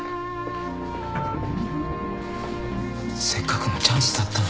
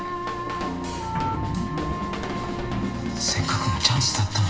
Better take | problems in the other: first | background sound (Drum / Drum kit); 9 dB below the speech // room echo; dies away in 0.7 s

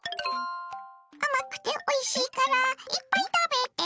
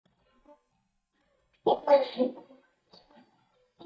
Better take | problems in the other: first | noise reduction (neural mask model DeepFilterNet 3)

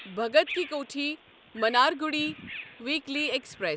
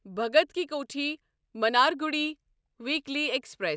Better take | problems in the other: second | background sound (Bird vocalization, bird call, bird song); 16 dB below the speech

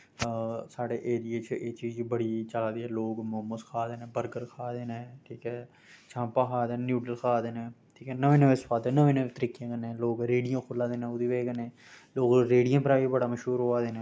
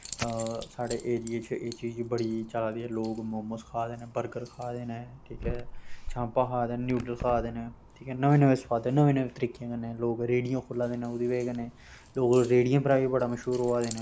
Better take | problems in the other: first | background sound (Keys jangling); 15 dB below the speech

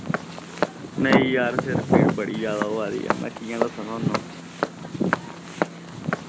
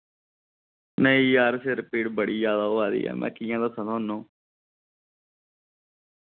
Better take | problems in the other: second | background sound (Walk, footsteps); 3 dB above the speech

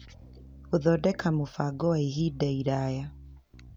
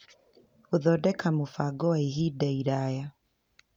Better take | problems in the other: second | background sound (Bass guitar); 20 dB below the speech

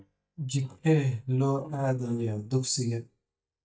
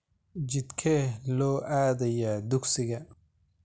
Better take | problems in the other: second | noise reduction (neural mask model DeepFilterNet 3)

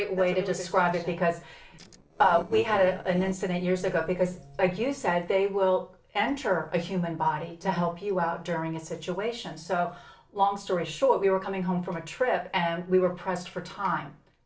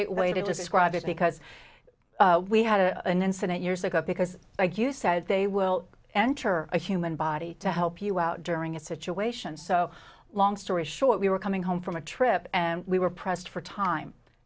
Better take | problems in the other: second | noise reduction (neural separator model SepFormer DNS4)

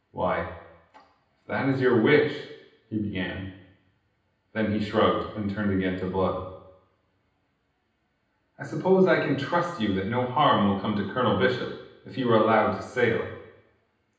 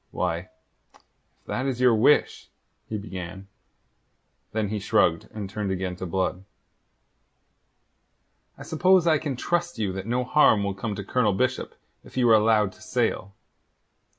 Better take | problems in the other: second | room echo; dies away in 0.9 s

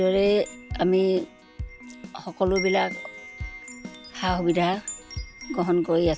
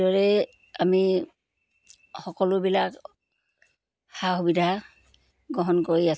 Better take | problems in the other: second | background sound (Keyboard (musical) + Wind chime); 12 dB below the speech

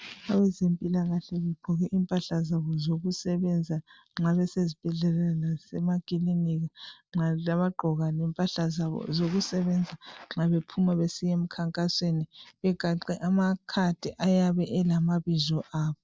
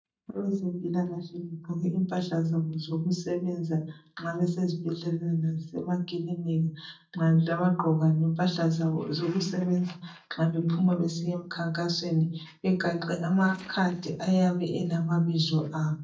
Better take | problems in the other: first | noise reduction (neural mask model DeepFilterNet 3)

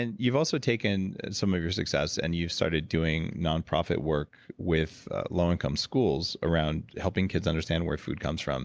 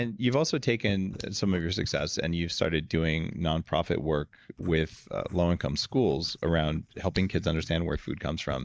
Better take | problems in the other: first | noise reduction (neural mask model DeepFilterNet 3)

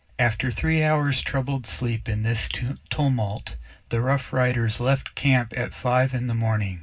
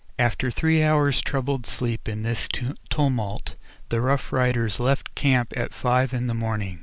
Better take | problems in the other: second | room echo; dies away in 0.4 s

